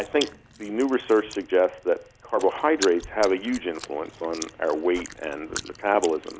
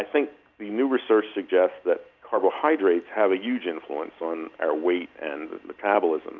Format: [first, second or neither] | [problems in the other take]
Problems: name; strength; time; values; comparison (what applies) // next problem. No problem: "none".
second | background sound (Chewing, mastication); 15 dB below the speech